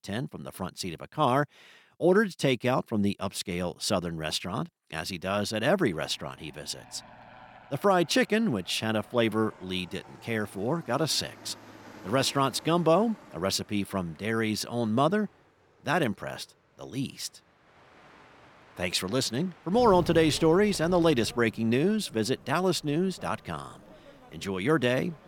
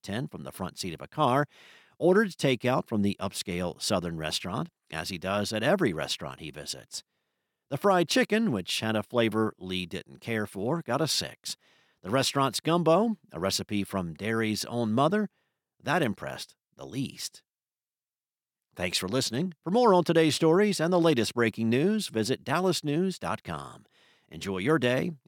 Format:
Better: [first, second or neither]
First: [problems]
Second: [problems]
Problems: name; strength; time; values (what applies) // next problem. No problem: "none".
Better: second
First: train or aircraft noise; faint; from 5.5 s on; 20 dB below the speech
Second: none